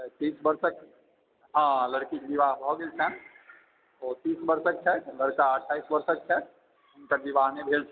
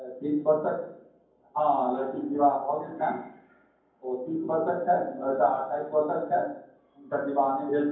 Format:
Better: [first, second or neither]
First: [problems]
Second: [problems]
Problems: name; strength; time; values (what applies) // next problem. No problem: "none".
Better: first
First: none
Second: room echo; dies away in 0.9 s